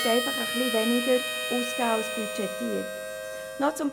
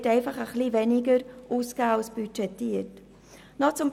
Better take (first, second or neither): second